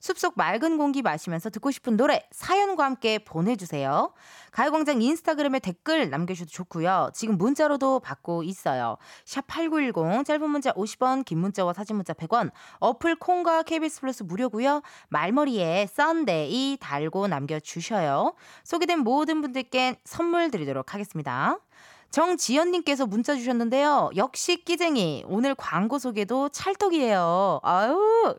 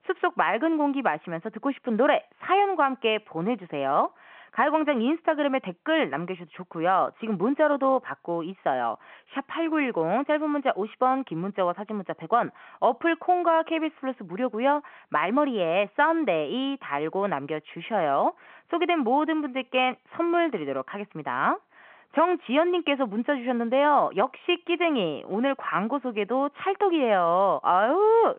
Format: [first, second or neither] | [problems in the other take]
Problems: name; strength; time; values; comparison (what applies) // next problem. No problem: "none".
first | phone-call audio